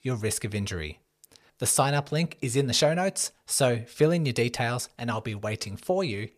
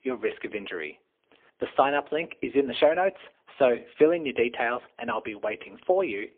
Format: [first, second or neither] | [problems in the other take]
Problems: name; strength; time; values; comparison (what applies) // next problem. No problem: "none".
first | phone-call audio; poor line; nothing above 3.5 kHz